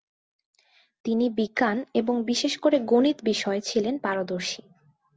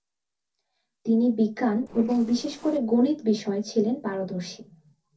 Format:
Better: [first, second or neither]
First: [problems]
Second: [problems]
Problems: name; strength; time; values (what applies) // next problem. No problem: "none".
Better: first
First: none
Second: noise reduction (neural separator model SepFormer DNS4)